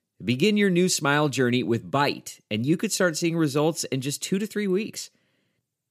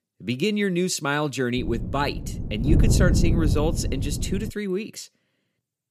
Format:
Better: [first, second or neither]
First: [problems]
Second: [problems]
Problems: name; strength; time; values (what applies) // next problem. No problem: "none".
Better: first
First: none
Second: wind noise on the microphone; heavy; from 1.5 to 4.5 s; 8 dB below the speech